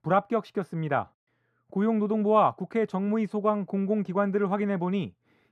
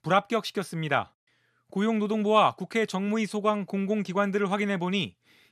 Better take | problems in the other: second | muffled; very; fading above 2 kHz

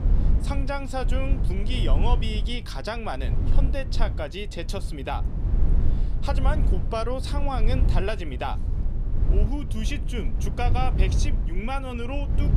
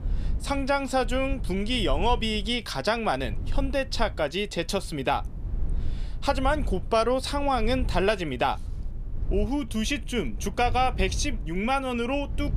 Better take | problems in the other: second | low rumble; loud; throughout; 10 dB below the speech; faint in the second

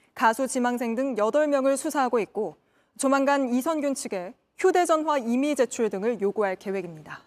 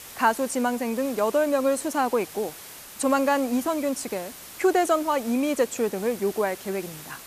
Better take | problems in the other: first | hiss; noticeable; throughout; 15 dB below the speech

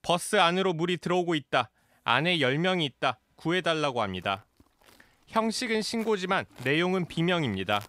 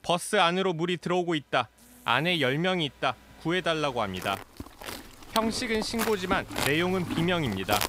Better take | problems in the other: first | animal sounds; loud; throughout; 8 dB below the speech; faint in the first

